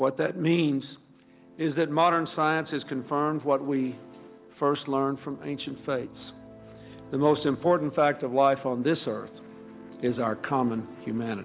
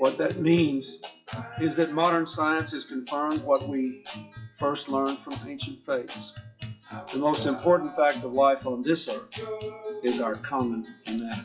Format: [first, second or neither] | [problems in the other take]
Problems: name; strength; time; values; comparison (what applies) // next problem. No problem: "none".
first | noise reduction (classical method WPE with log-MMSE)